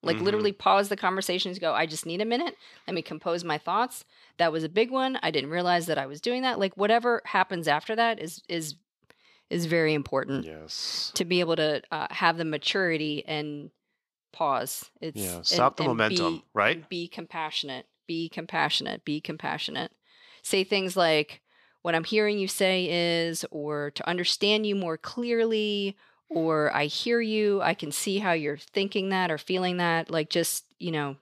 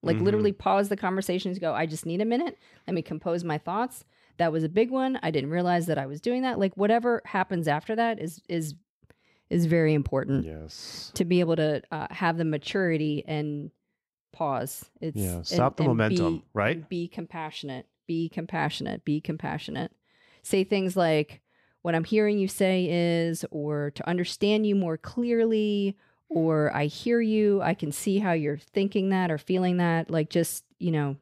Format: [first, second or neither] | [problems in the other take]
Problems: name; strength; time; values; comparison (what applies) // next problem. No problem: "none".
second | thin; very slightly; fading below 450 Hz